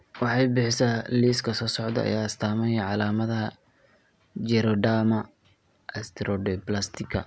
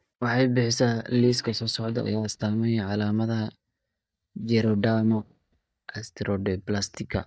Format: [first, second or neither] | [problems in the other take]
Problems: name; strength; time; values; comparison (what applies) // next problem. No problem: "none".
first | noise reduction (neural mask model DeepFilterNet 3)